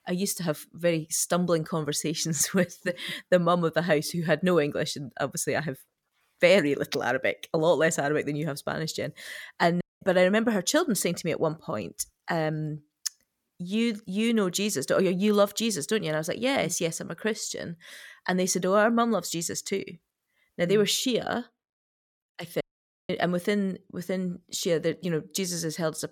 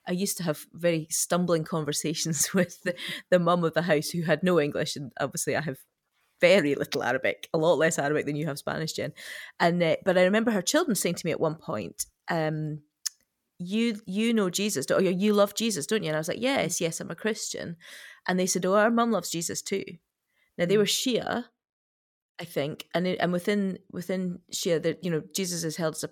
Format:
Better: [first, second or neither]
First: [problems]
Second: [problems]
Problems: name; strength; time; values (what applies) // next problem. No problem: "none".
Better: second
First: audio cutting out; at 10 s and at 23 s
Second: none